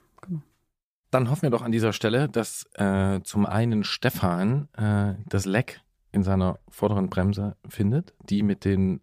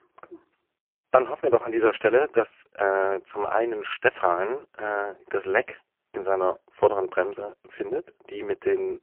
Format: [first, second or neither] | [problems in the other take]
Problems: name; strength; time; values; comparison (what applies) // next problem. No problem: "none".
first | phone-call audio; poor line; nothing above 3 kHz